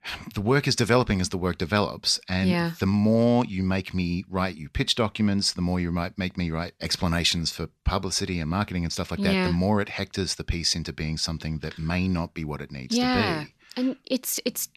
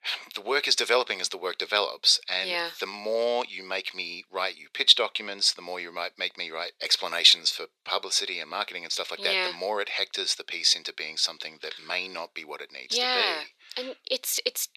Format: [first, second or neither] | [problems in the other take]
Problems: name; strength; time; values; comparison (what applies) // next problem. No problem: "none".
first | thin; very; fading below 450 Hz